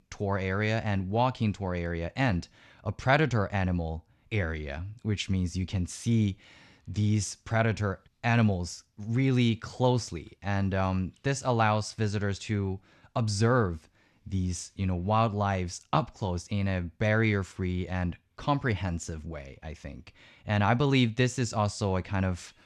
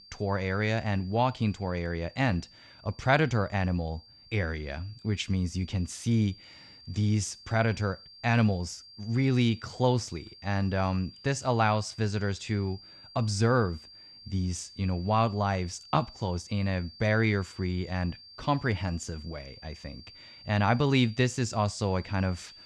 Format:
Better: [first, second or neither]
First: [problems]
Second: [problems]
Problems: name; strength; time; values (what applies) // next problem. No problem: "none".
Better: first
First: none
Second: high-pitched whine; noticeable; throughout; 4.5 kHz, 20 dB below the speech